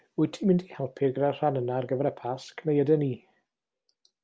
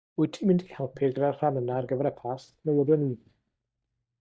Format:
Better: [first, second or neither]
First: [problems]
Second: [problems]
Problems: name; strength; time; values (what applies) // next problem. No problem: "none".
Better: first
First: none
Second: noise reduction (neural mask model DeepFilterNet 3)